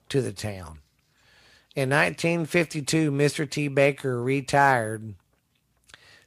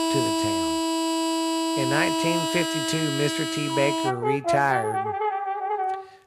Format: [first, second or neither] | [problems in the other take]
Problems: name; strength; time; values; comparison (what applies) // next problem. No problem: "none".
first | background music; very loud; throughout; 2 dB above the speech